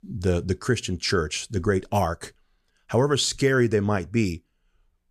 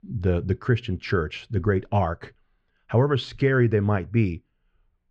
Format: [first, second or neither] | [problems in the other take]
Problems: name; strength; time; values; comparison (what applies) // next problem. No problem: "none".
first | muffled; very; fading above 3 kHz